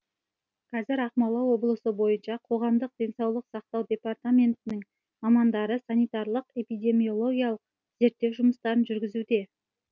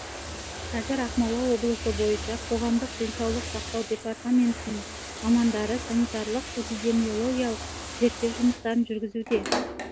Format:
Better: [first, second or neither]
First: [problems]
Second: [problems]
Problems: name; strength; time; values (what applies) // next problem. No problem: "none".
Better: first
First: none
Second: background sound (Bathtub (filling or washing)); 8 dB below the speech